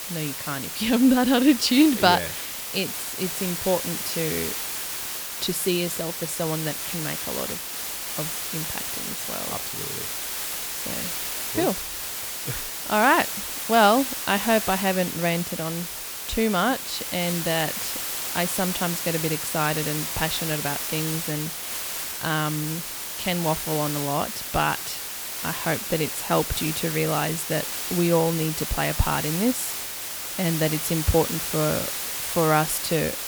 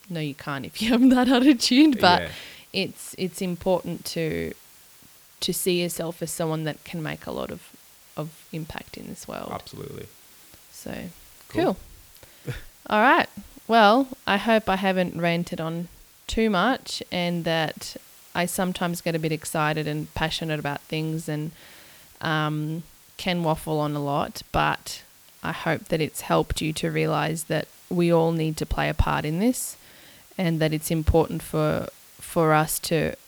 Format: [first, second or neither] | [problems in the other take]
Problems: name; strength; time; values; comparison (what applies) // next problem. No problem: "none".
second | hiss; loud; throughout; 3 dB below the speech; faint in the second